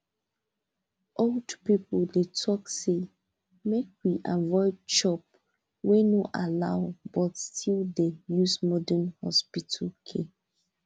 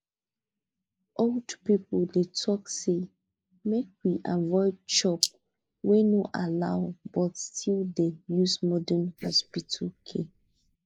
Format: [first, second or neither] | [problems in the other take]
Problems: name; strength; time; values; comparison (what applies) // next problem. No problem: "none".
first | noise reduction (neural mask model Resemble Enhance denoiser)